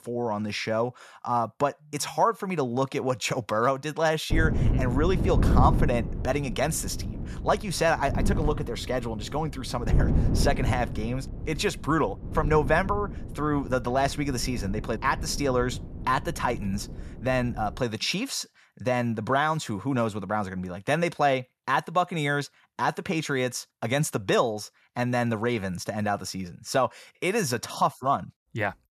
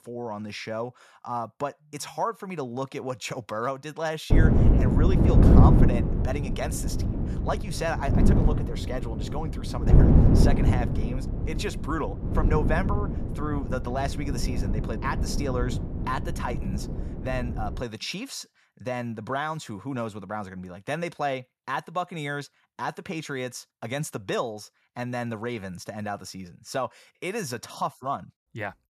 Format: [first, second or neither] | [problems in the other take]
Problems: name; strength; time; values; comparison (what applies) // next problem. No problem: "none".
first | wind noise on the microphone; heavy; from 4.5 to 18 s; 1 dB below the speech; occasional gusts in the first